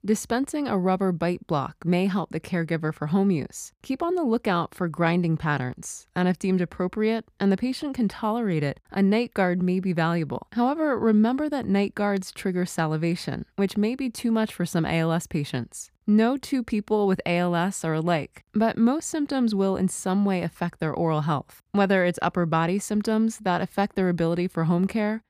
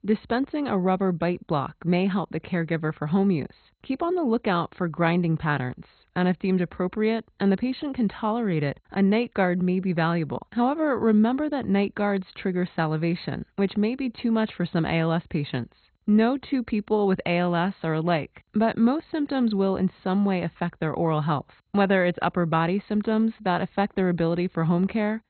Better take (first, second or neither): first